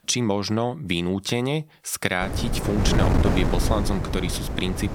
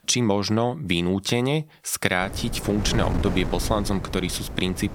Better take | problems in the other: second | wind noise on the microphone; heavy; from 2 s on; 3 dB below the speech; occasional gusts in the second

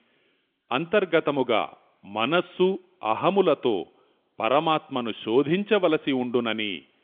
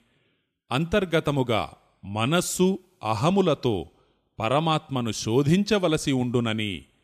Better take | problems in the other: second | phone-call audio; nothing above 3.5 kHz

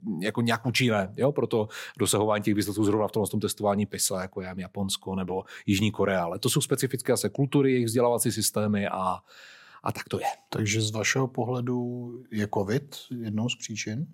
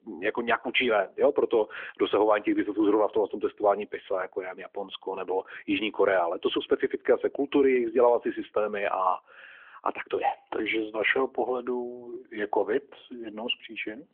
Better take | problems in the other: first | phone-call audio; nothing above 3.5 kHz

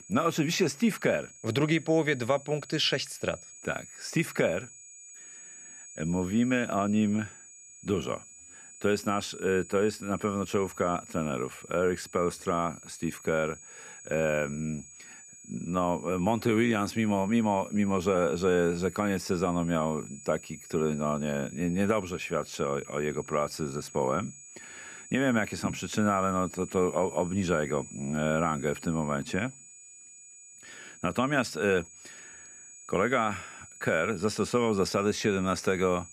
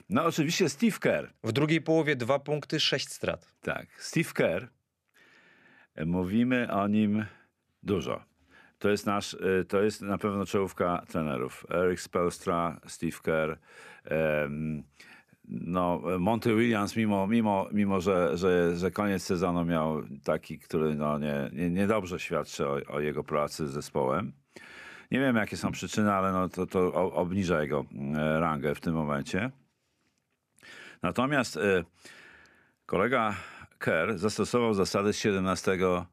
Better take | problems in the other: second | high-pitched whine; noticeable; throughout; 7 kHz, 15 dB below the speech

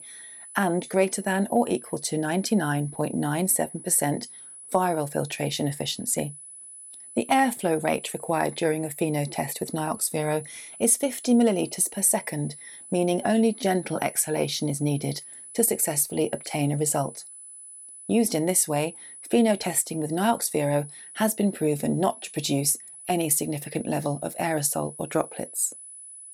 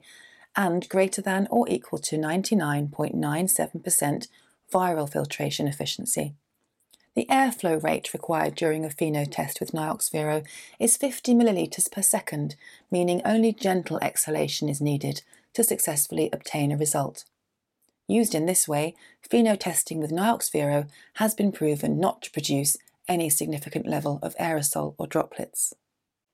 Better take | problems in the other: second | high-pitched whine; noticeable; throughout; 10 kHz, 15 dB below the speech

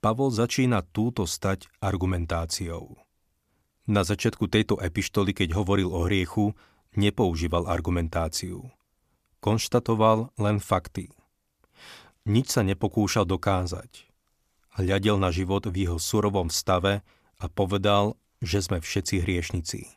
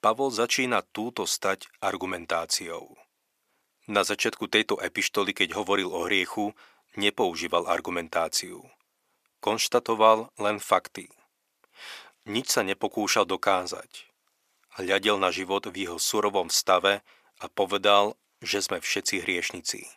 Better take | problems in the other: first | thin; somewhat; fading below 450 Hz

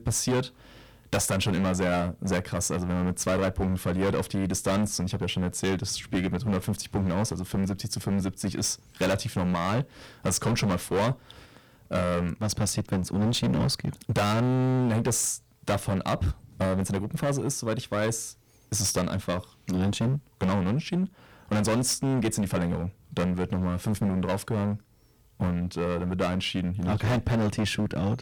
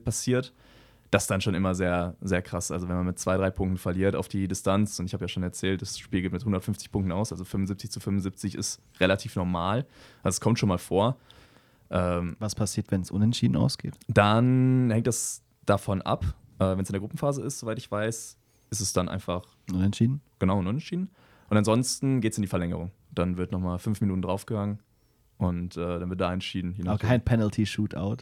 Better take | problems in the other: second | distortion; heavy; 16% of the sound clipped

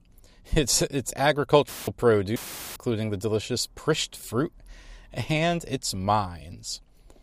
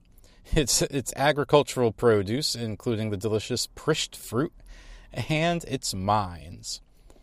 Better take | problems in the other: second | audio cutting out; filled with static; at 1.5 s and at 2.5 s

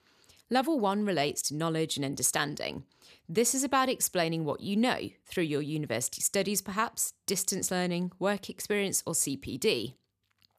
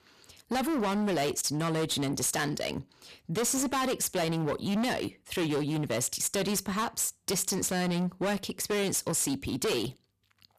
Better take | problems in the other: first | distortion; heavy; 24% of the sound clipped

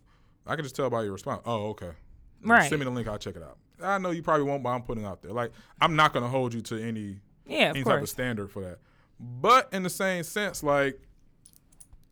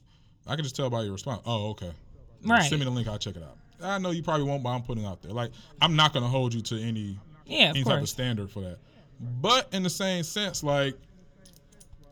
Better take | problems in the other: first | room echo; very slight; dies away in 3 s

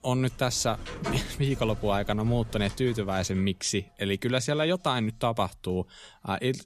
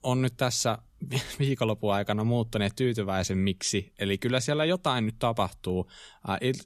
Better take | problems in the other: second | animal sounds; noticeable; throughout; 15 dB below the speech

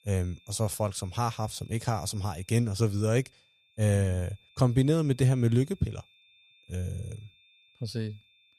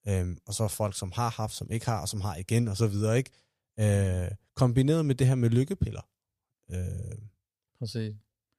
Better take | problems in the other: second | high-pitched whine; faint; throughout; 3.5 kHz, 30 dB below the speech

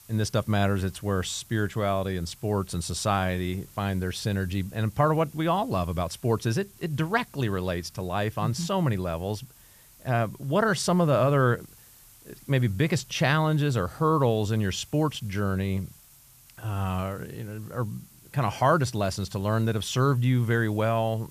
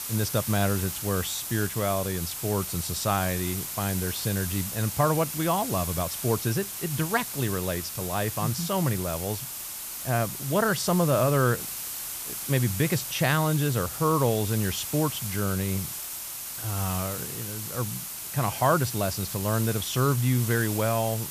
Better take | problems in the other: first | hiss; loud; throughout; 5 dB below the speech; faint in the first

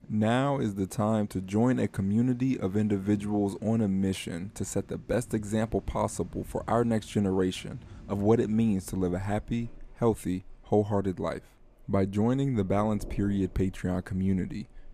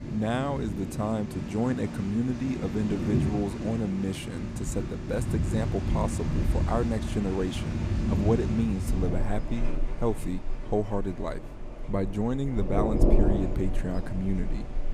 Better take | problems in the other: first | rain or running water; loud; throughout; 1 dB below the speech; faint in the first

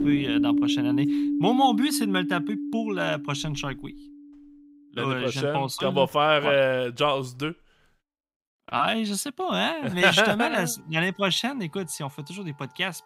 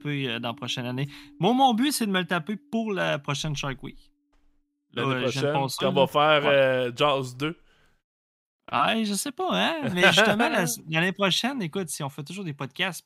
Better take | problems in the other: second | background music; loud; throughout; 2 dB below the speech; faint in the second

